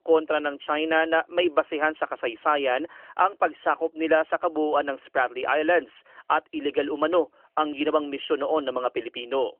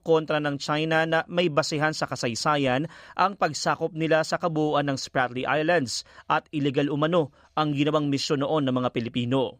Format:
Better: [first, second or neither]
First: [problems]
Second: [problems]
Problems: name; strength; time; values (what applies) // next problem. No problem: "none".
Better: second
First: phone-call audio; nothing above 3 kHz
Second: none